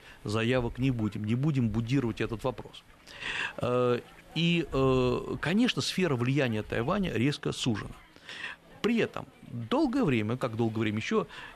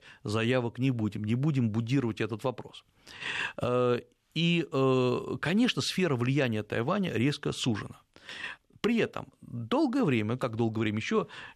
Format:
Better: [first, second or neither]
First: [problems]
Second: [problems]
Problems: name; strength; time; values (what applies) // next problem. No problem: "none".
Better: second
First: hiss; faint; throughout; 25 dB below the speech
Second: none